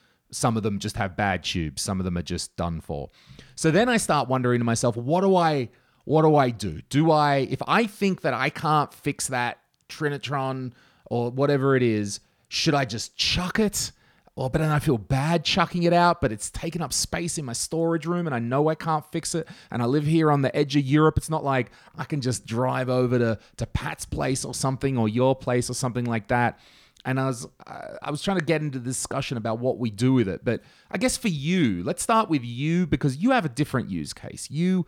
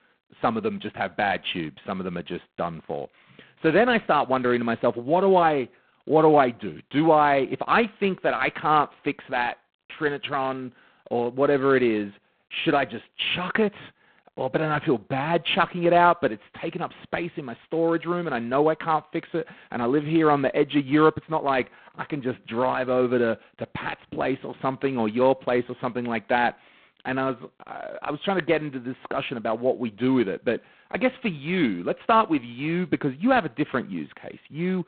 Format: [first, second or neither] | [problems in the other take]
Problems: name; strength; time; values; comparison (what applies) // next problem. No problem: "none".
first | phone-call audio; poor line